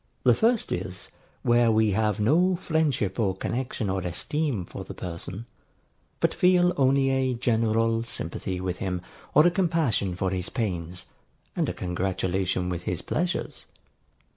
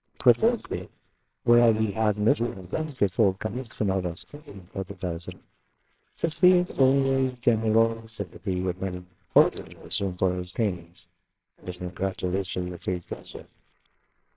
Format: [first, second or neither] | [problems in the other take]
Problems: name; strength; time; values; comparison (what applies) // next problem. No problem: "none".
first | noise reduction (neural separator model SepFormer WHAMR!)